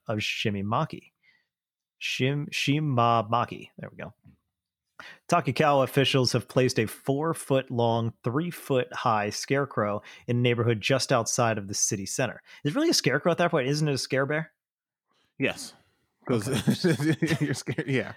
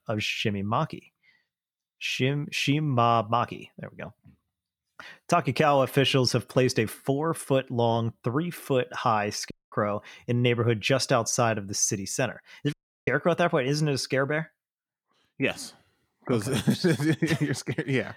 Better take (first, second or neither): first